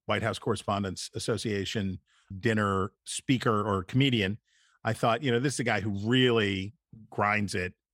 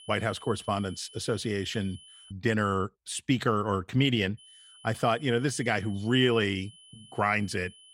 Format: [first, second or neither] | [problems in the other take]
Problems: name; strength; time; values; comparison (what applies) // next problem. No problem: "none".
first | high-pitched whine; faint; until 2.5 s and from 4.5 s on; 3 kHz, 20 dB below the speech